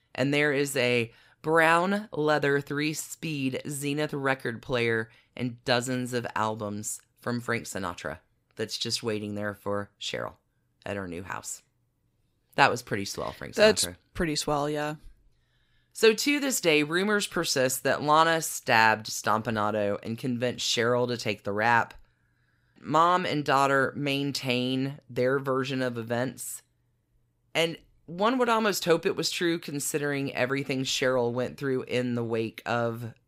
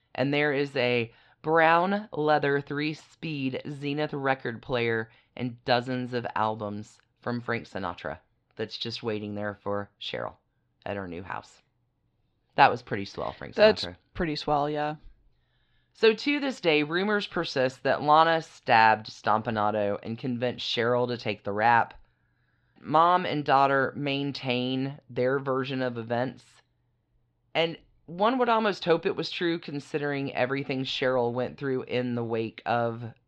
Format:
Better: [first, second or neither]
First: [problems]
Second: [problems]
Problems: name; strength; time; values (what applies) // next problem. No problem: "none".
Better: first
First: none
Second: muffled; slightly; fading above 4 kHz